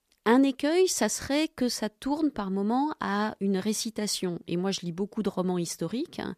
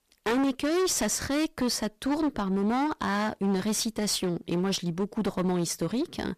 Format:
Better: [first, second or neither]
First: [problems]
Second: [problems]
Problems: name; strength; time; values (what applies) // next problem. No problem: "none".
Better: first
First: none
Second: distortion; heavy; 20% of the sound clipped